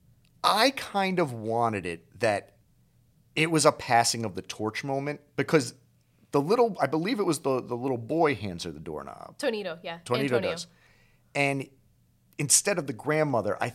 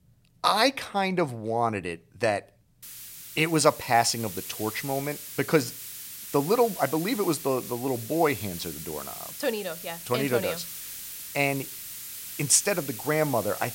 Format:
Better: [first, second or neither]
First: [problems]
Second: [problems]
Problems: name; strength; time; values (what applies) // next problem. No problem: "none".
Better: first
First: none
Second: hiss; noticeable; from 3 s on; 10 dB below the speech